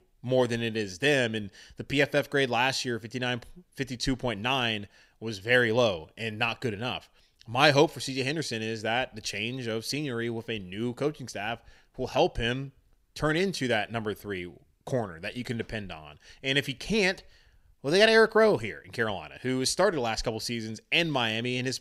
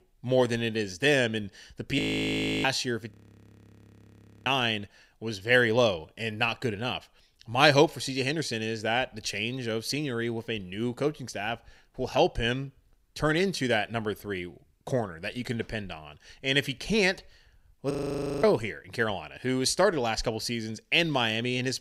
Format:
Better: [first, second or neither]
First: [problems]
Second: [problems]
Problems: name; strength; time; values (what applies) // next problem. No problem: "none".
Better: first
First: none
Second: audio freezing; at 2 s for 0.5 s, at 3 s for 1.5 s and at 18 s for 0.5 s